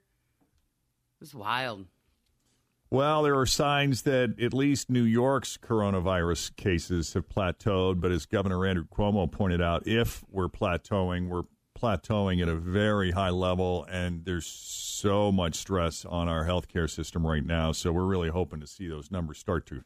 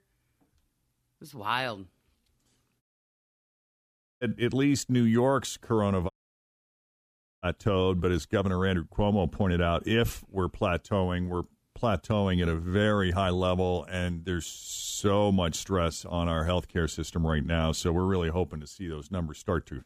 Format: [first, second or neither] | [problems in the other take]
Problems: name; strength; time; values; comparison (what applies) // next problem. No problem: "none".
first | audio cutting out; at 3 s for 1.5 s and at 6 s for 1.5 s